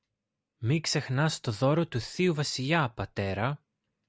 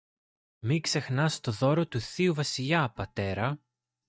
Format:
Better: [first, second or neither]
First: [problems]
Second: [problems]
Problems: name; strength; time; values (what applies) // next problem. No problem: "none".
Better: first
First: none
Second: noise reduction (neural mask model DeepFilterNet 3)